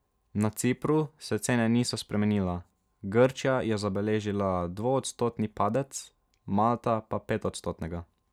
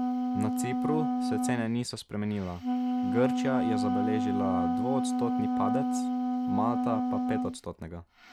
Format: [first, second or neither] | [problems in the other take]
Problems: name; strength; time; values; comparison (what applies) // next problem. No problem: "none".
first | background sound (Wind instrument, woodwind instrument); 4 dB above the speech